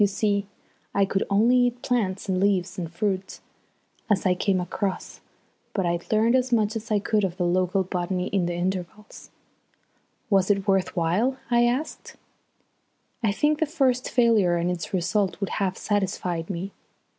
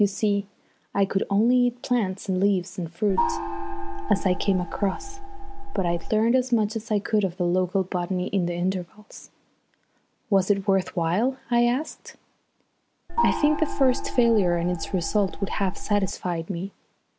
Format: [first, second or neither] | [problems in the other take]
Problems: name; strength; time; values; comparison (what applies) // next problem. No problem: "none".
first | background sound (Gong); 2 dB below the speech